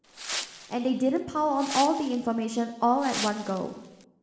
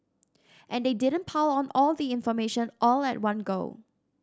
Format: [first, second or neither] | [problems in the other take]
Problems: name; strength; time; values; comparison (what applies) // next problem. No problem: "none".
second | background sound (Wind); 11 dB below the speech // room echo; dies away in 1 s